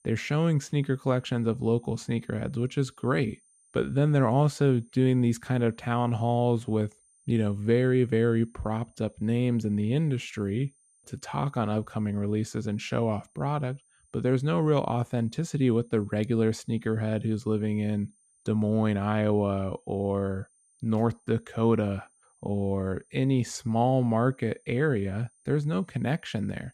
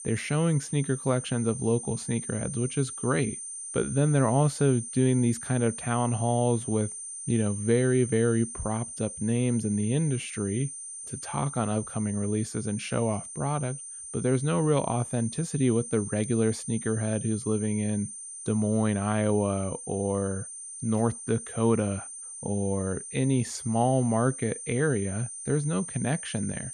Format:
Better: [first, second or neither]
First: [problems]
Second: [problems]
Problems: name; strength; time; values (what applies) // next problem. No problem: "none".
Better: first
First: high-pitched whine; faint; throughout; 9 kHz, 35 dB below the speech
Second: high-pitched whine; loud; throughout; 9 kHz, 9 dB below the speech